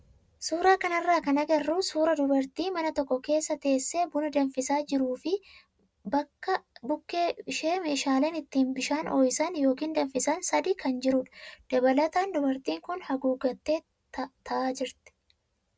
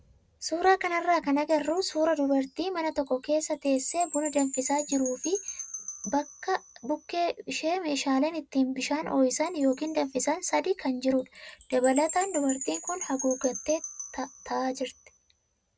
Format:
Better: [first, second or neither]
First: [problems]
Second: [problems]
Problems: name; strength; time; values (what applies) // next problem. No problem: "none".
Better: first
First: none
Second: background sound (Wind chime); 14 dB below the speech